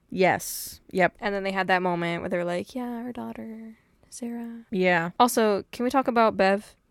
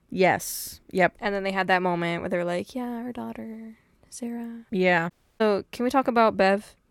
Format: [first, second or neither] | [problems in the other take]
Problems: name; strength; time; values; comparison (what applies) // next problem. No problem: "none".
first | audio cutting out; at 5 s